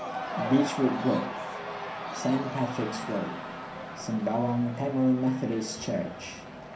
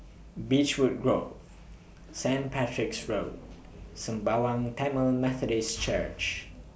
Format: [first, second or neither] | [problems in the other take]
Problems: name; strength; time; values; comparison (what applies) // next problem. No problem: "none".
second | background sound (Crowd / Cheering); 8 dB below the speech // room echo; dies away in 0.3 s